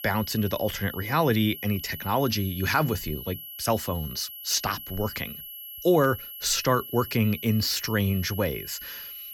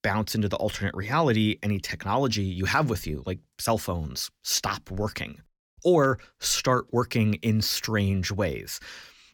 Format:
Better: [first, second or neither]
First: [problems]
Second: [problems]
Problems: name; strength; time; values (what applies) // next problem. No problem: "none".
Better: second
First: high-pitched whine; noticeable; throughout; 11.5 kHz, 10 dB below the speech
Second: none